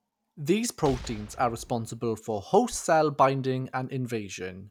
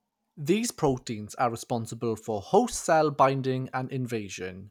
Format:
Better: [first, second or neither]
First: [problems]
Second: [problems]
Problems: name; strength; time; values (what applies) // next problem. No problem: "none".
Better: second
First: background sound (Boom); 16 dB below the speech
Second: none